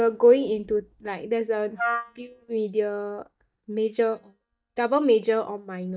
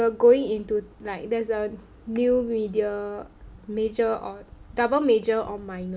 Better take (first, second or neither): second